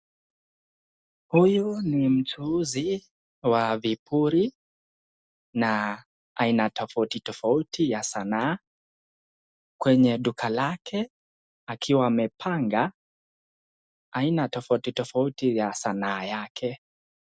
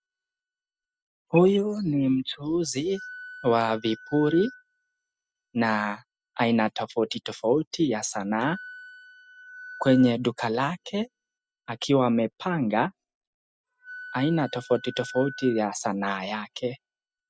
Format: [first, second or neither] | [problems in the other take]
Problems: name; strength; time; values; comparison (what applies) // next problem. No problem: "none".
first | noise reduction (classical method spectral subtraction)